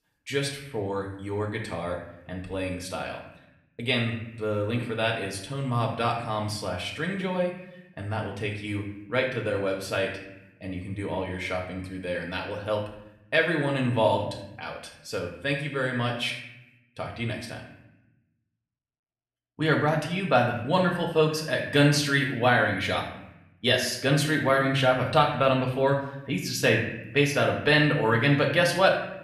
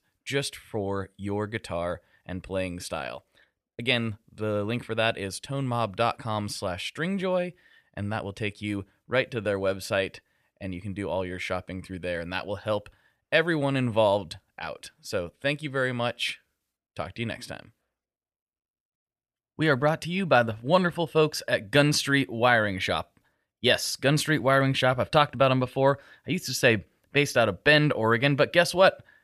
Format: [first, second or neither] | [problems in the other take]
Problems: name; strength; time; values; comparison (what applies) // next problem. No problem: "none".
second | room echo; slight; dies away in 0.7 s // off-mic speech; somewhat distant